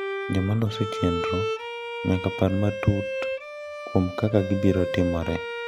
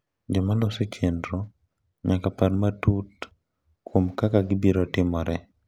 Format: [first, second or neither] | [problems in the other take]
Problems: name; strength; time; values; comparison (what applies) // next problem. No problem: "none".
second | background sound (Bowed string instrument); 5 dB below the speech